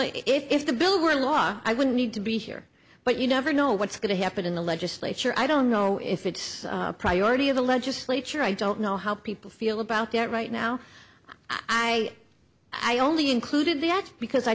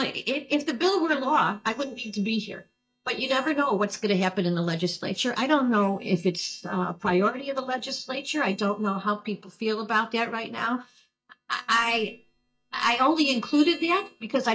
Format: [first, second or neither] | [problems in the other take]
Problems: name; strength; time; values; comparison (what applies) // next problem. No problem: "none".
first | noise reduction (neural mask model DeepFilterNet 3)